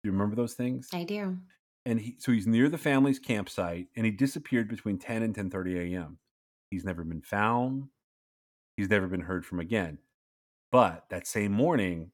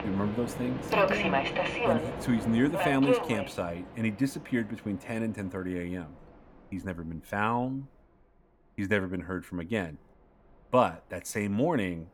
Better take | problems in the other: first | train or aircraft noise; very loud; throughout; 1 dB above the speech

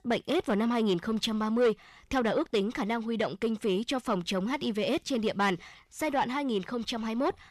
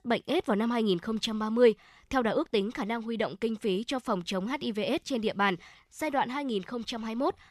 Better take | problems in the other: second | distortion; slight; 10 dB below the speech

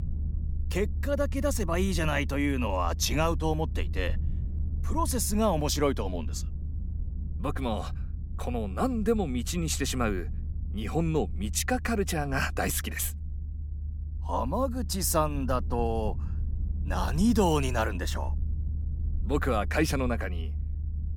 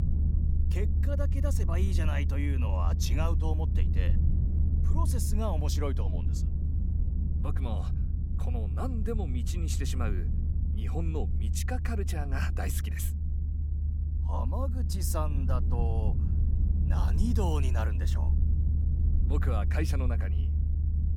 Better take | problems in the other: first | low rumble; loud; throughout; 6 dB below the speech; faint in the first

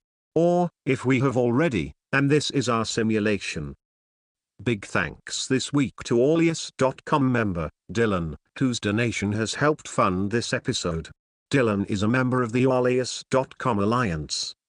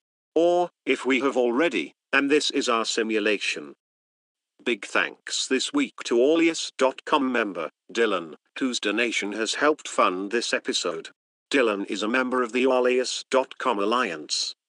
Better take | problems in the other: first | thin; very slightly; fading below 250 Hz

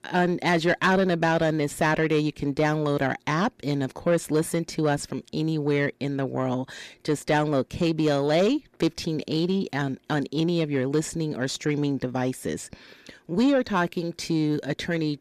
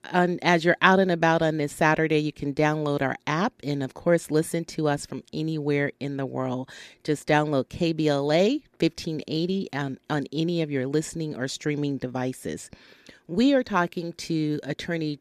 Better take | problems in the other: second | distortion; slight; 10 dB below the speech

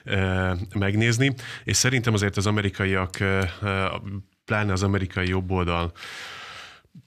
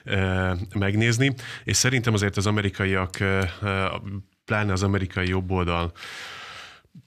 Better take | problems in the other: neither | none

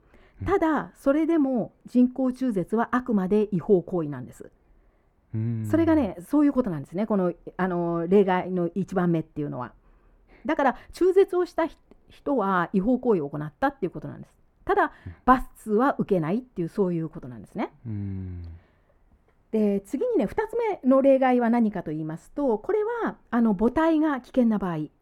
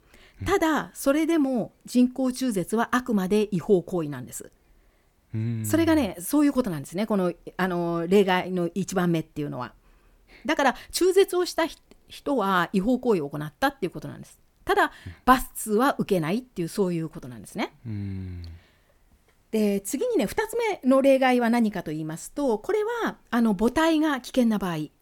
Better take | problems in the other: second | muffled; very; fading above 2.5 kHz

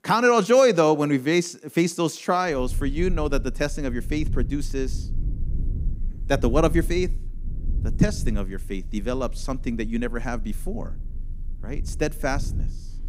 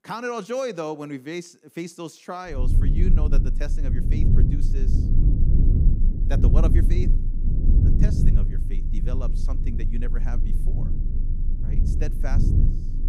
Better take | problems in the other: first | low rumble; loud; from 2.5 s on; 4 dB below the speech; faint in the first

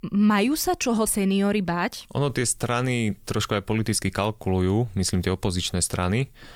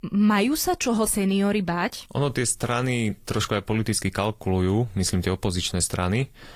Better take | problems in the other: first | garbled, watery; slightly

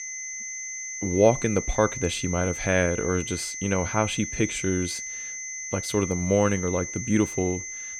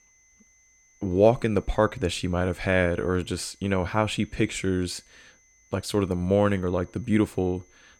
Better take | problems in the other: second | high-pitched whine; loud; throughout; 6 kHz, 6 dB below the speech; faint in the second

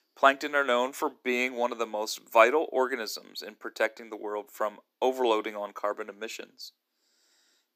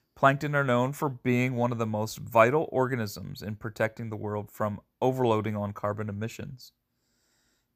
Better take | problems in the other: second | thin; somewhat; fading below 300 Hz

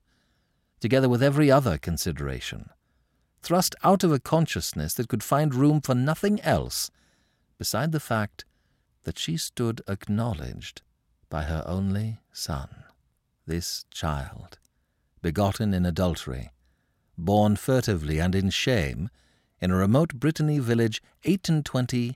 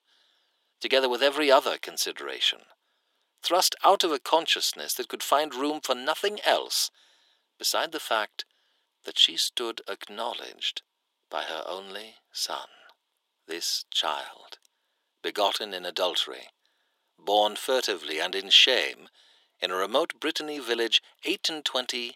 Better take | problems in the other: first | thin; very; fading below 350 Hz

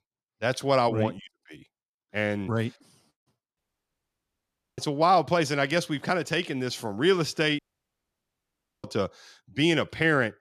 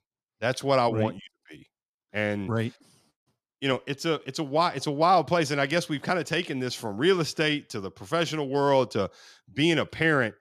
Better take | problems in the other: second | audio cutting out; at 3.5 s for 1 s and at 7.5 s for 1.5 s

